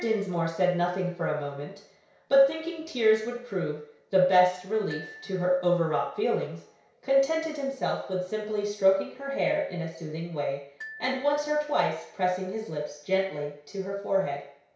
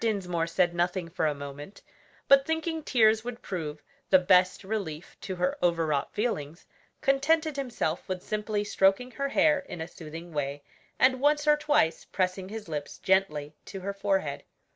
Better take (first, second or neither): second